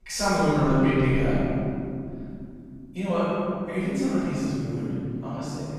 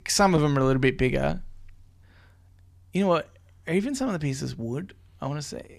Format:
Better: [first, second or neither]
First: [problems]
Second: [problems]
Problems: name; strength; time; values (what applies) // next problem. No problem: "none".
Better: second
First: off-mic speech; far // room echo; strong; dies away in 2.8 s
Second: none